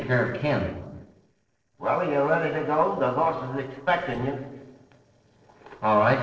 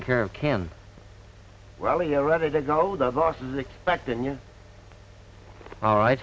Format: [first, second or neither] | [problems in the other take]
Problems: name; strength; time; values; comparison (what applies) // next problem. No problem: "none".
second | noise reduction (neural separator model SepFormer DNS4)